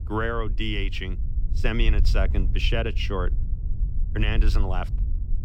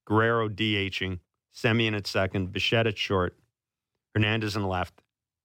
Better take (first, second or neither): second